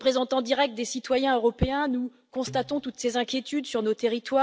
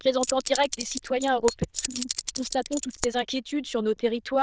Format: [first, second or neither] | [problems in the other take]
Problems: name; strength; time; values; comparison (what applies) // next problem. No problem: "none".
first | noise reduction (neural diffusion model UNIVERSE++)